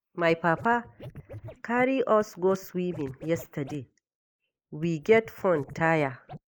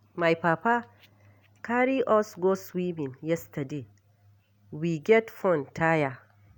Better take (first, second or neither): second